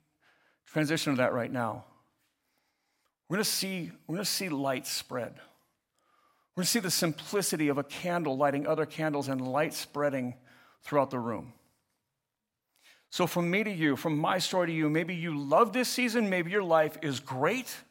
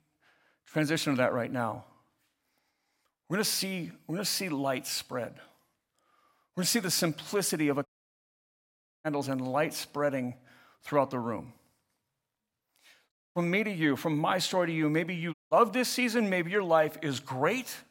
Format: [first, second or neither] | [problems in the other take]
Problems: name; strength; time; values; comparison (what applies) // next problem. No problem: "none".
first | audio cutting out; at 8 s for 1 s, at 13 s and at 15 s